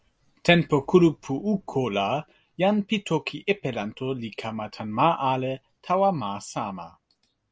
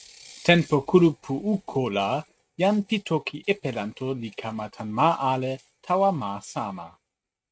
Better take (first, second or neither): first